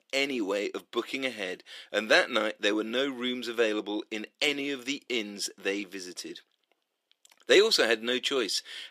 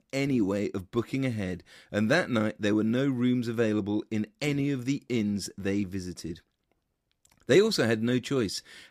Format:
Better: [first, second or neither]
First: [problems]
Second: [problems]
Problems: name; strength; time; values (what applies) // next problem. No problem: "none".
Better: second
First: thin; somewhat; fading below 400 Hz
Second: none